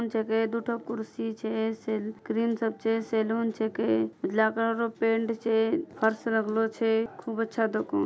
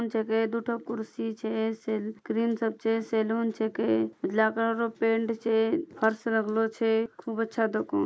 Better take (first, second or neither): first